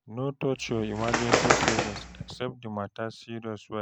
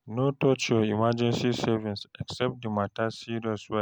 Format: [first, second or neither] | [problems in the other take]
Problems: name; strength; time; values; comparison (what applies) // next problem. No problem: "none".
second | background sound (Bird); 4 dB above the speech